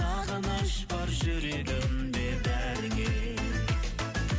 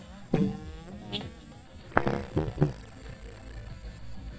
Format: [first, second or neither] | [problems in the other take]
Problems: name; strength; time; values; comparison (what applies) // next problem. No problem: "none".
first | noise reduction (neural mask model DeepFilterNet 3)